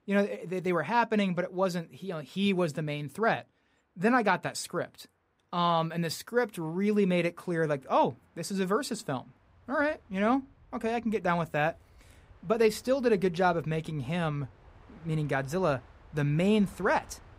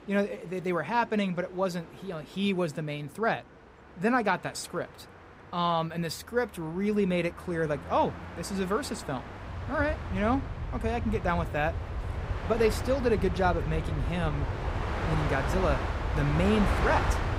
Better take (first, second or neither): first